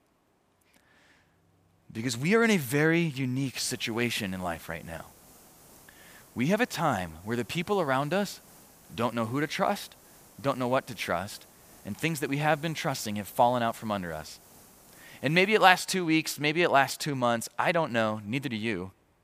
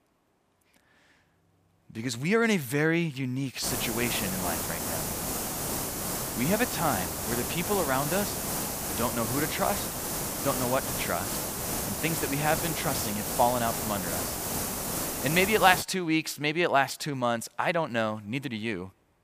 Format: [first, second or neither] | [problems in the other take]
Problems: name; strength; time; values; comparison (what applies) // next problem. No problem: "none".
first | hiss; loud; from 3.5 to 16 s; 2 dB below the speech; faint in the first